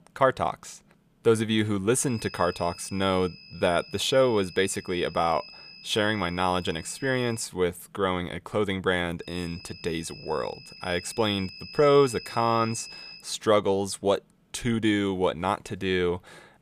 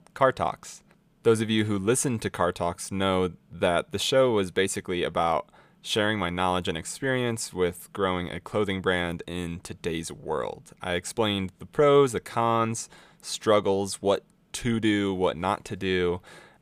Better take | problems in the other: second | high-pitched whine; noticeable; from 2 to 7.5 s and from 9 to 13 s; 5 kHz, 15 dB below the speech

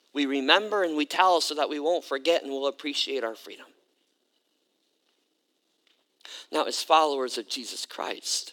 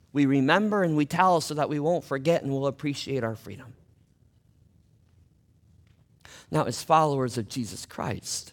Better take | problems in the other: second | thin; somewhat; fading below 300 Hz

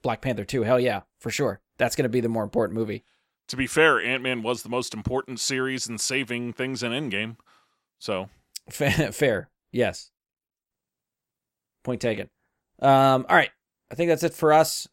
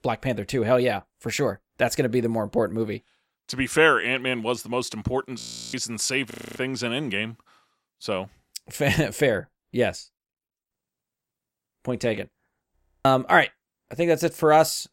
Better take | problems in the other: first | audio freezing; at 5.5 s, at 6.5 s and at 13 s

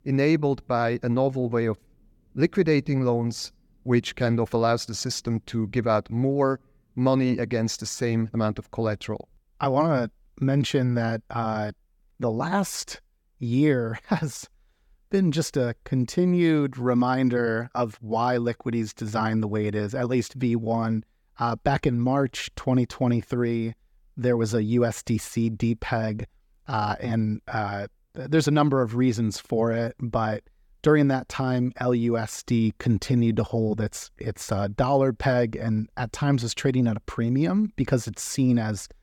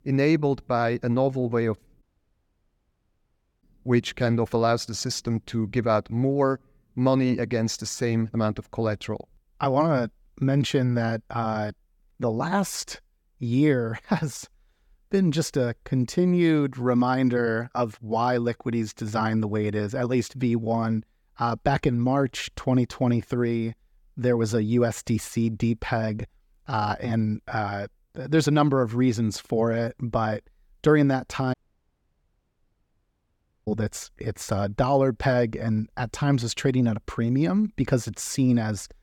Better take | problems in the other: first | audio cutting out; at 2 s for 1.5 s and at 32 s for 2 s

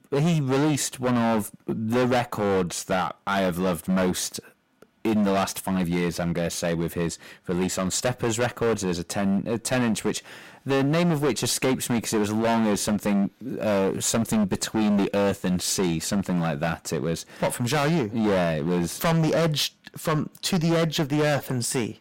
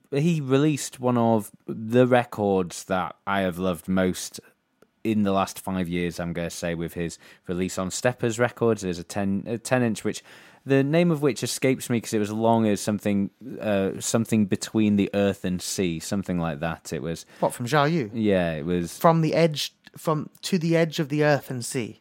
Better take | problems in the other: second | distortion; heavy; 17% of the sound clipped

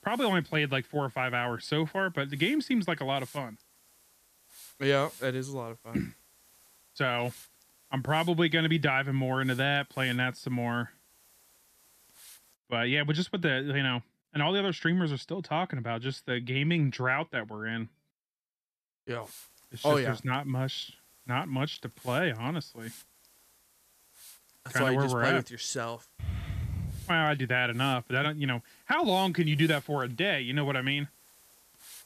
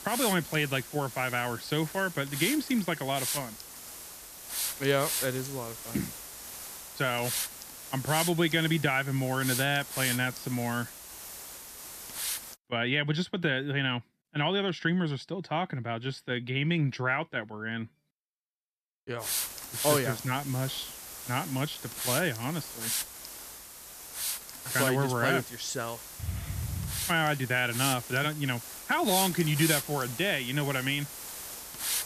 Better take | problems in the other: first | hiss; loud; until 13 s and from 19 s on; 5 dB below the speech; faint in the first

